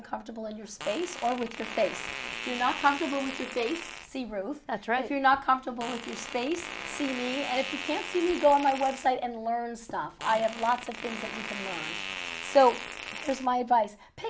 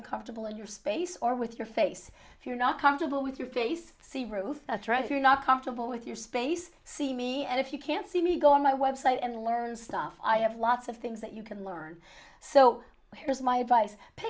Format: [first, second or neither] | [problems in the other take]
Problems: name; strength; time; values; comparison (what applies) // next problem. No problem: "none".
second | background sound (Fart); 10 dB below the speech